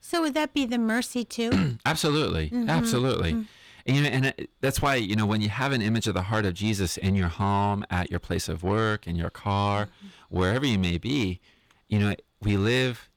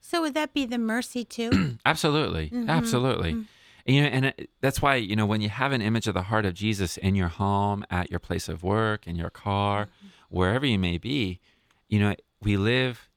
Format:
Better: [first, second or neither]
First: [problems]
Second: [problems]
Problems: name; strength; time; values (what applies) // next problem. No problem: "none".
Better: second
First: distortion; slight; 10 dB below the speech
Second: none